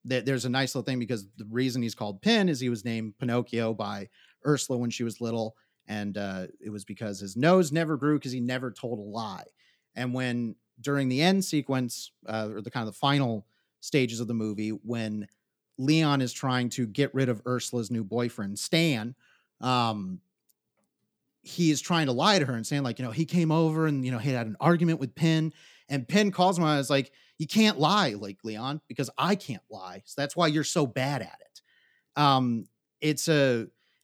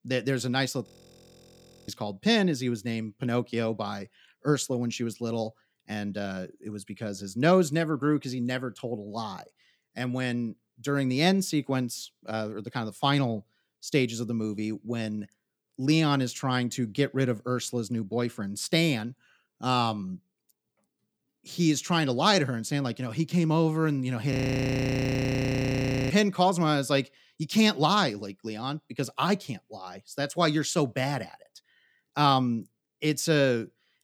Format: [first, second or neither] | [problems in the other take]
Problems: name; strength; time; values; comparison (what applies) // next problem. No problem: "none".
first | audio freezing; at 1 s for 1 s and at 24 s for 2 s